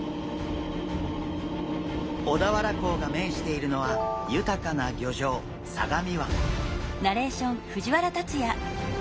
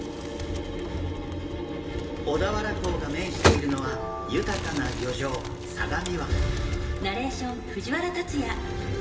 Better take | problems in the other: first | background sound (Crumpling, crinkling); 6 dB below the speech // room echo; dies away in 2.2 s

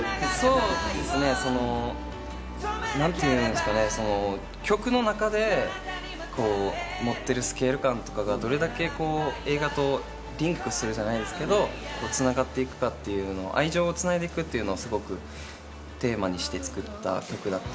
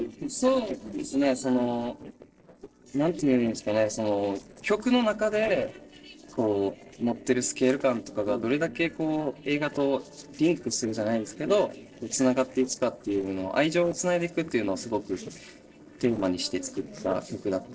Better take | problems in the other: first | noise reduction (neural separator model SepFormer DNS4)

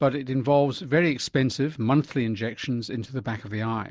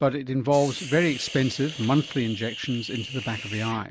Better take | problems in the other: first | background sound (Hiss); 12 dB below the speech

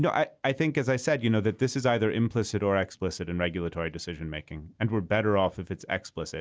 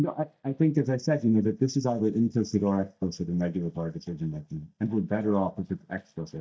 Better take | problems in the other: first | noise reduction (neural mask model DeepFilterNet 3)

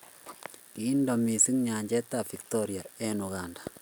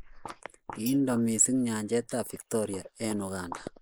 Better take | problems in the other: first | noise reduction (neural mask model Resemble Enhance denoiser)

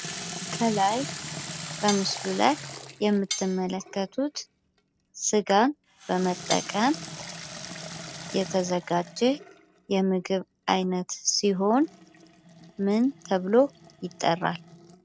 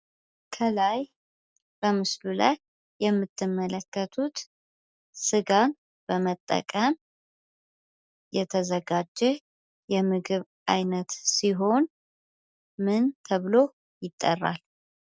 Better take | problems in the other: second | background sound (Cutlery, silverware + Sink (filling or washing) / Water tap, faucet); 12 dB below the speech

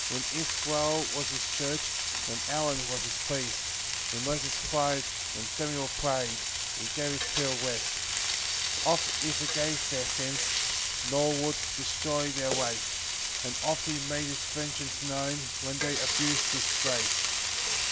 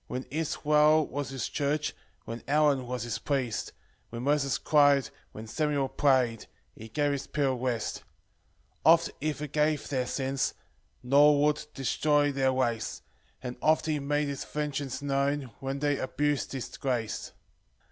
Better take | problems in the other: second | background sound (Frying (food)); 3 dB above the speech

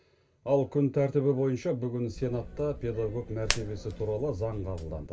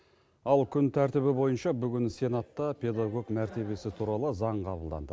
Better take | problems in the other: second | background sound (Hands); 9 dB below the speech // room echo; dies away in 0.2 s

